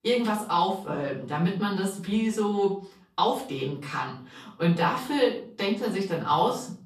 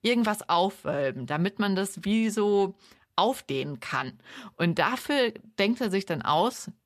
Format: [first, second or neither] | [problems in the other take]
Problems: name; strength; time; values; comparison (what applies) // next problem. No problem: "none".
second | room echo; slight; dies away in 0.4 s // off-mic speech; far